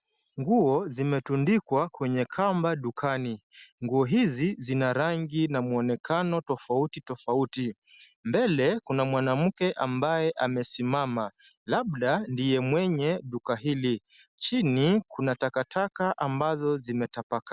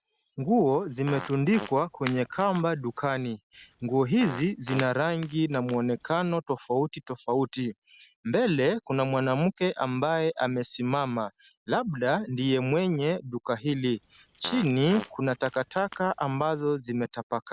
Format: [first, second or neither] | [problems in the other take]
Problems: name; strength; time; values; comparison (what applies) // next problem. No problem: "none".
first | background sound (Fart + Finger snapping); 16 dB below the speech